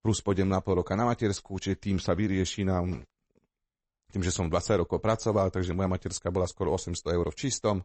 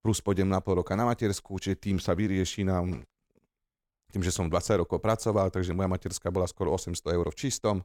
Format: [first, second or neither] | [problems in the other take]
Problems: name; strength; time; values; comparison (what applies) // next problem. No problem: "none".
second | garbled, watery; slightly; nothing above 8 kHz